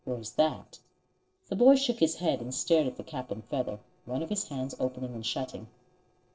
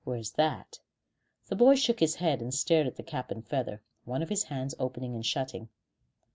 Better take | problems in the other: second | noise reduction (neural separator model SepFormer DNS4)

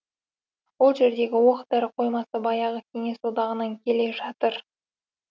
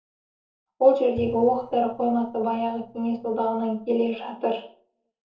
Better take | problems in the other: first | noise reduction (neural separator model SepFormer DNS4)

